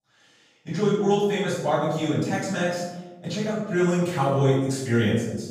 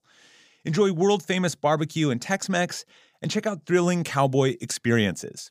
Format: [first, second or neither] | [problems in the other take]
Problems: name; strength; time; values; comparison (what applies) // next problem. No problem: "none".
second | off-mic speech; far // room echo; noticeable; dies away in 1 s